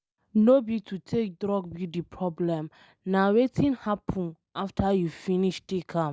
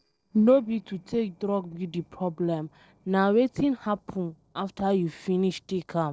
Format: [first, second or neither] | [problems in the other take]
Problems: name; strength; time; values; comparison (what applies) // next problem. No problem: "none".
first | noise reduction (neural separator model SepFormer DNS4)